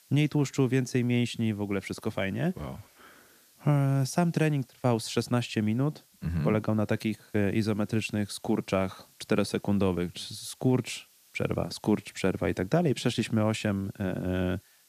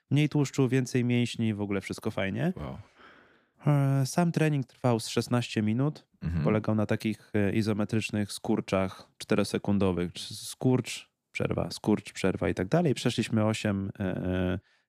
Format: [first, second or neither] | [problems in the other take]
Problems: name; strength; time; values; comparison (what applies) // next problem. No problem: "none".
second | hiss; faint; throughout; 30 dB below the speech